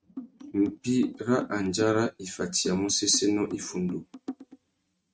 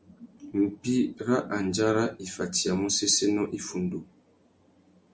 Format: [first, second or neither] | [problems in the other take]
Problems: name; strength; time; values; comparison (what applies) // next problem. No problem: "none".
second | noise reduction (neural mask model RNNoise)